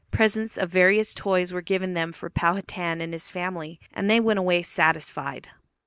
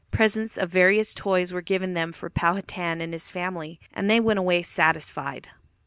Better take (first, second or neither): second